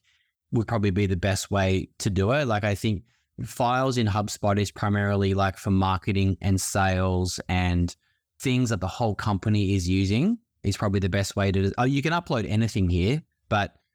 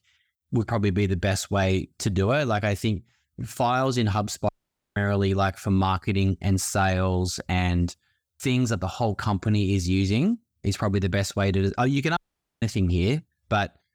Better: first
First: none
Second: audio cutting out; at 4.5 s and at 12 s

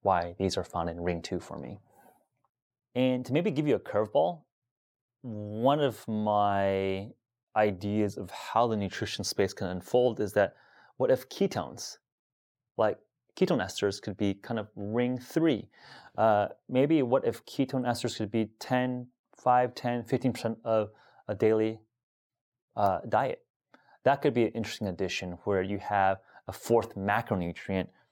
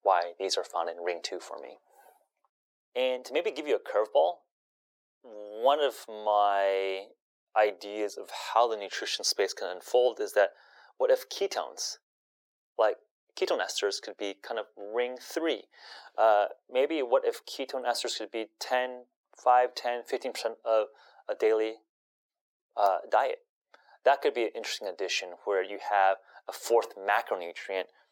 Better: first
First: none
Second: thin; very; fading below 400 Hz

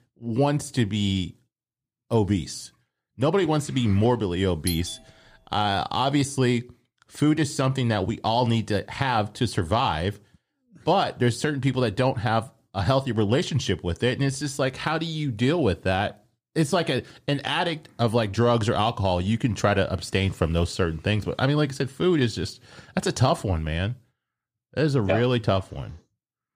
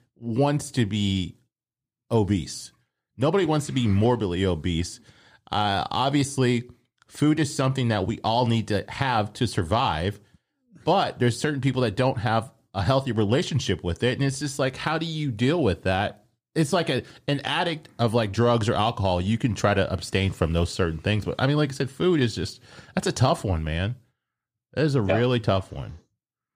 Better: second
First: doorbell; noticeable; at 4.5 s; peak 8 dB below the speech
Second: none

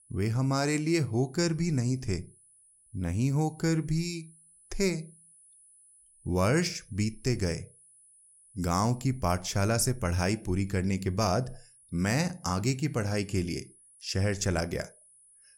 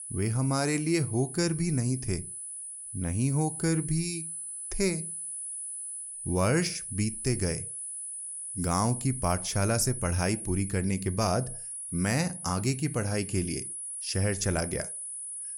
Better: first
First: high-pitched whine; faint; throughout; 10 kHz, 25 dB below the speech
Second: high-pitched whine; loud; throughout; 10 kHz, 6 dB below the speech

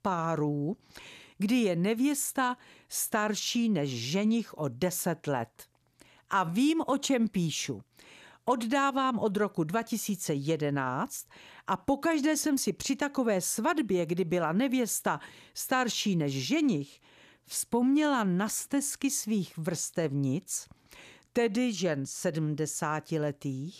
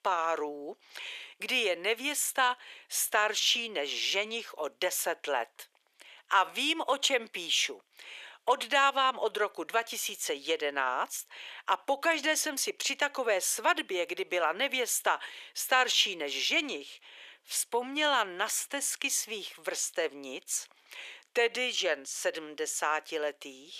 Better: first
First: none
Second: thin; very; fading below 450 Hz

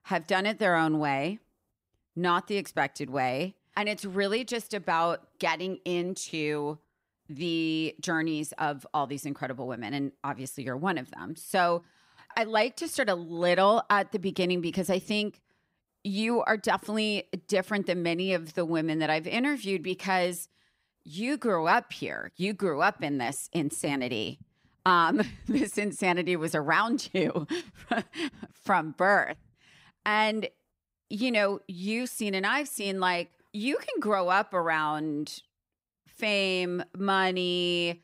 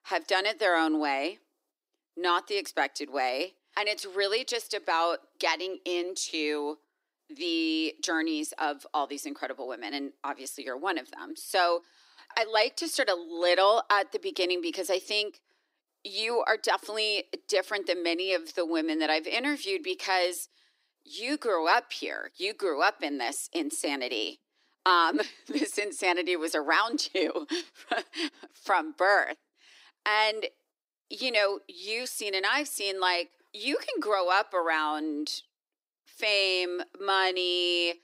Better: first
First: none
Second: thin; somewhat; fading below 300 Hz

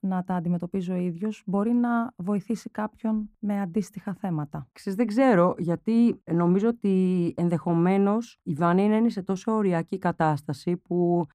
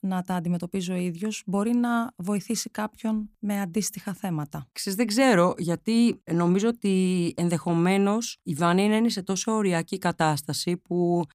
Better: second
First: muffled; very; fading above 2.5 kHz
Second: none

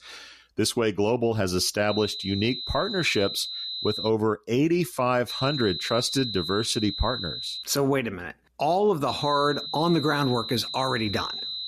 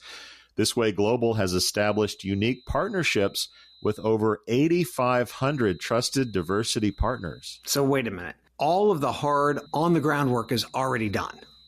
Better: second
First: high-pitched whine; loud; from 2 to 4 s, from 5.5 to 7.5 s and from 9 s on; 4 kHz, 6 dB below the speech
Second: high-pitched whine; faint; from 2 to 4 s, from 5.5 to 7.5 s and from 9 s on; 4 kHz, 30 dB below the speech

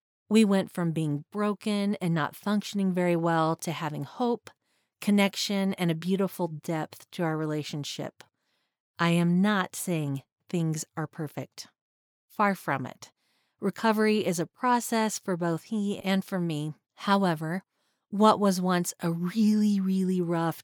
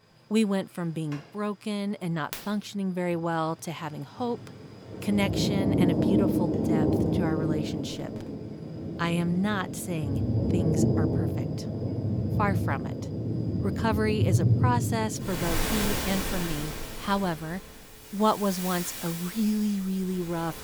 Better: first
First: none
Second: rain or running water; very loud; throughout; 2 dB above the speech

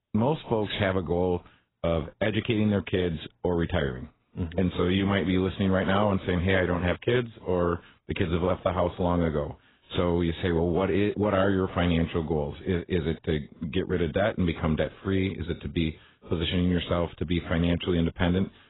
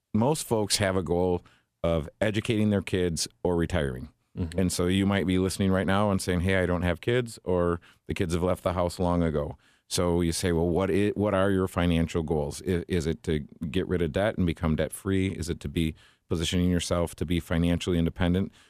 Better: second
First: garbled, watery; badly; nothing above 4 kHz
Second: none

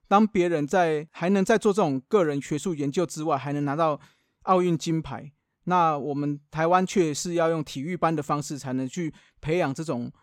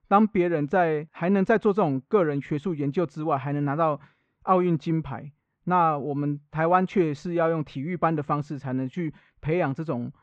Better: first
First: none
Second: muffled; very; fading above 2 kHz

